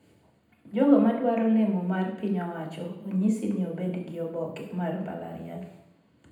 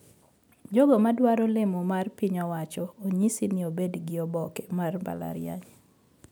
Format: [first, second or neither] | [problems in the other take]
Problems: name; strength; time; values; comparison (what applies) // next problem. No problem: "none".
second | room echo; dies away in 0.8 s